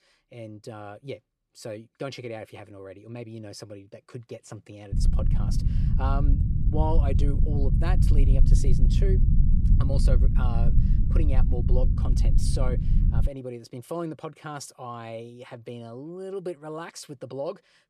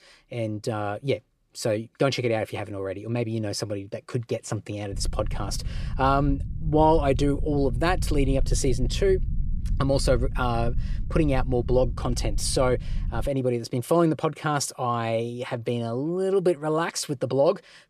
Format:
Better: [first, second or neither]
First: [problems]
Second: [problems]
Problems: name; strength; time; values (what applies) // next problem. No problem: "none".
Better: second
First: low rumble; loud; from 5 to 13 s; 3 dB below the speech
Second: low rumble; faint; from 5 to 13 s; 20 dB below the speech